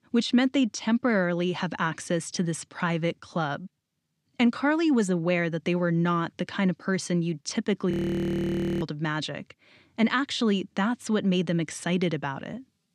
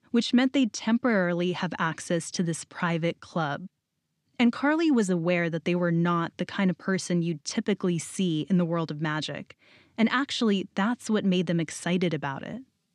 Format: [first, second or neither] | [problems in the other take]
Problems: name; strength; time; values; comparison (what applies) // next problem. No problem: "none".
second | audio freezing; at 8 s for 1 s